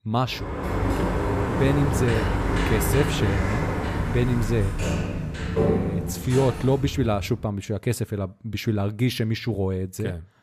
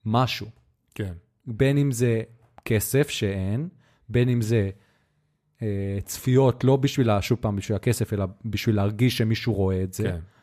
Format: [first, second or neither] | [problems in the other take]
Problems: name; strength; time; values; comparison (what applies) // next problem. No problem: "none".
second | door banging; loud; until 7.5 s; peak 3 dB above the speech